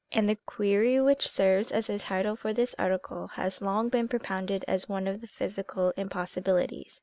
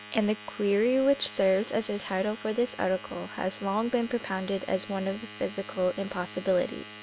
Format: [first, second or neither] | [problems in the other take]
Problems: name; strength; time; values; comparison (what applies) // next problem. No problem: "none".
first | background sound (Domestic sounds, home sounds); 17 dB below the speech